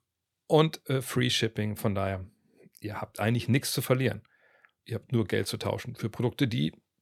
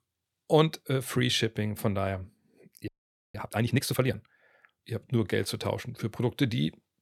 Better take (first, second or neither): first